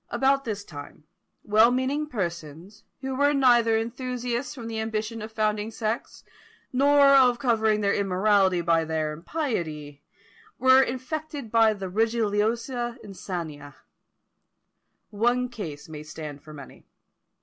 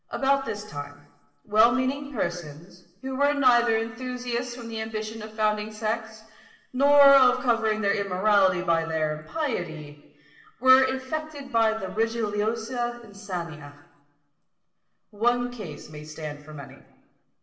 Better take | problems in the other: first | room echo; dies away in 1 s

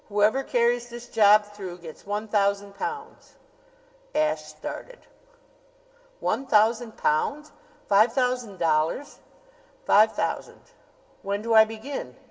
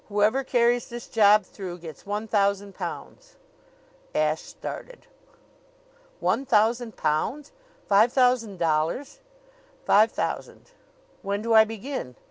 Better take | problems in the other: second | room echo; dies away in 1.3 s

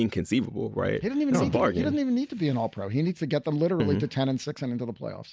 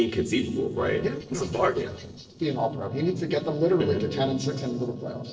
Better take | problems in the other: first | noise reduction (neural separator model SepFormer DNS4)

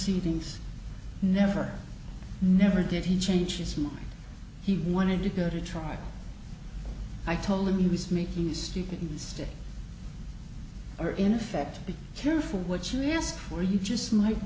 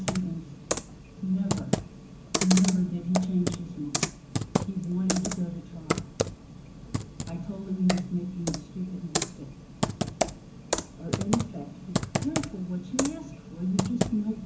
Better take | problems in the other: first | background sound (Computer keyboard); 2 dB below the speech // room echo; dies away in 0.3 s

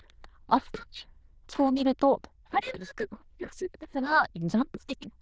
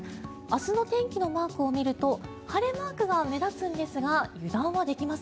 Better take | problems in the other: second | noise reduction (neural diffusion model UNIVERSE++)

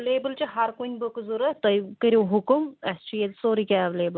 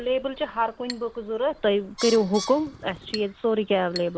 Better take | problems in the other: first | background sound (Bird + Chink, clink); 15 dB below the speech

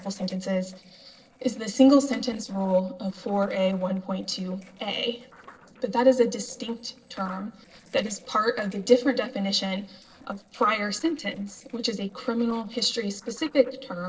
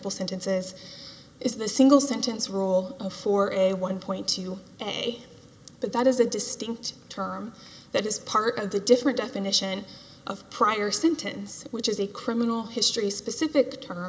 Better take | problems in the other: second | noise reduction (neural separator model SepFormer DNS4)

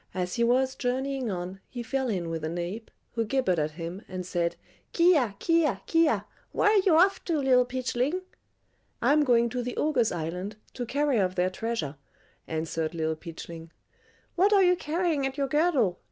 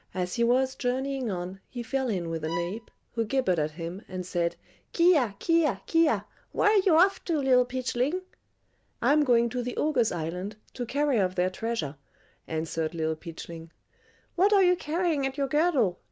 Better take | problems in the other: first | background sound (Bowed string instrument); 14 dB below the speech

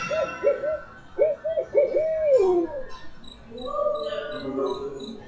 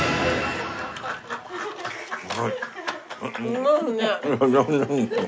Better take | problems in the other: second | noise reduction (classical method WPE with log-MMSE)

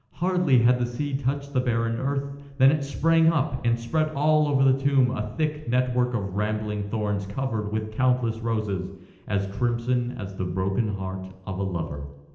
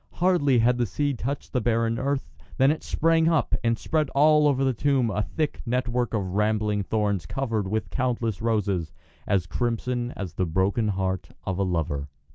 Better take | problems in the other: second | room echo; dies away in 0.9 s

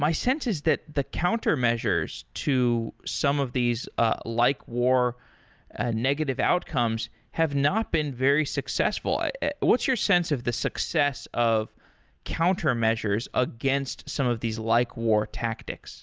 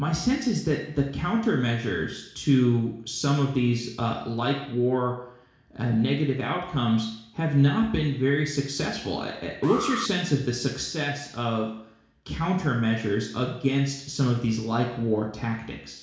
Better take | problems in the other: first | background sound (Alarm); 11 dB below the speech // room echo; dies away in 0.7 s

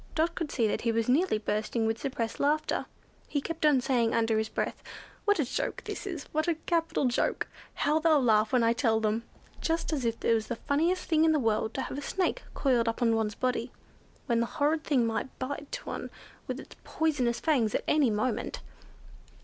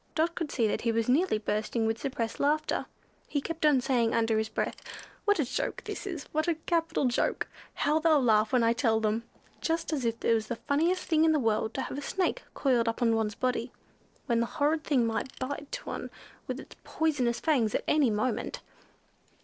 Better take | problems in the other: first | noise reduction (neural separator model SepFormer DNS4)

